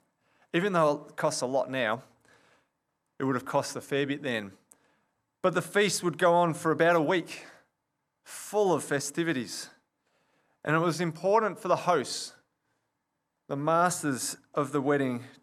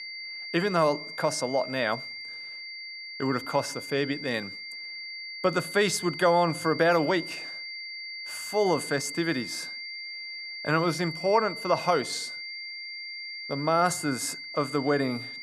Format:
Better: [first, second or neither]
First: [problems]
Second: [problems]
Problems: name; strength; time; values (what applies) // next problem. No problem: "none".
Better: first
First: none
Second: high-pitched whine; loud; throughout; 2 kHz, 9 dB below the speech